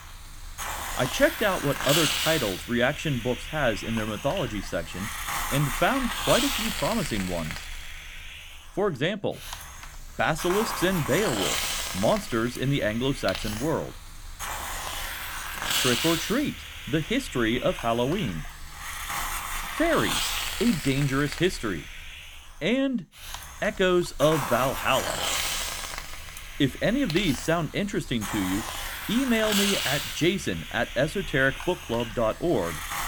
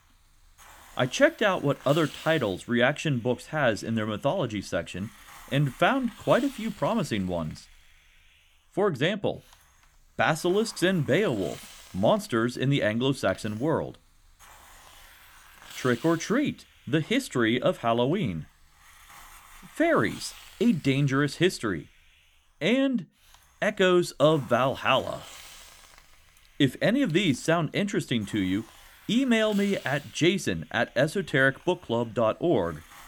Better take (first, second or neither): second